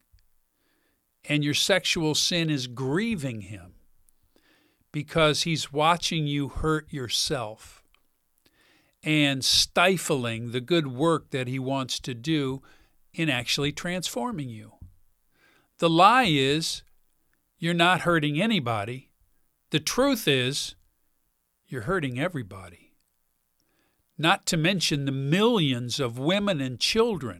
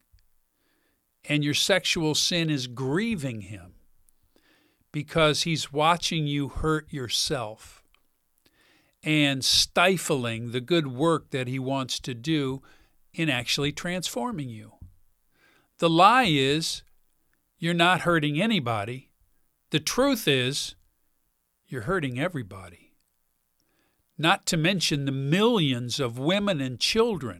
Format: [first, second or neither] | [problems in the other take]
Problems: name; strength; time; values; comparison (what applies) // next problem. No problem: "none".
neither | none